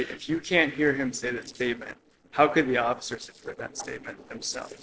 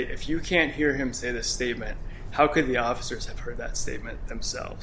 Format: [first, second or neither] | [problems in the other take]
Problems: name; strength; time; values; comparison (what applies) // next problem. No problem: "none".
second | noise reduction (neural separator model SepFormer DNS4)